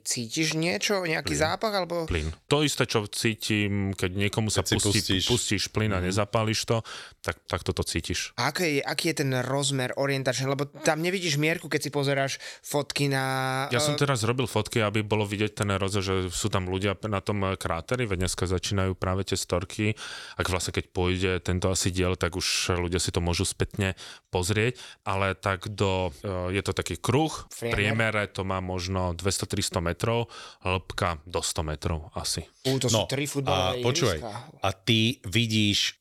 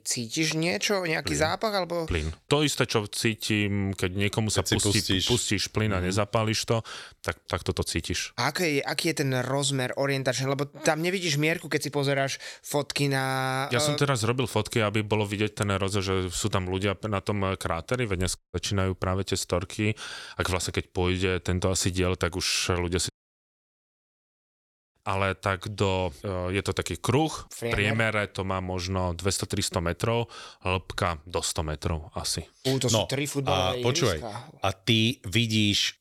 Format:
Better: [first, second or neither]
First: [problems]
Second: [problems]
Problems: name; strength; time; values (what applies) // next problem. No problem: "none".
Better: first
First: none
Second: audio cutting out; at 18 s and at 23 s for 2 s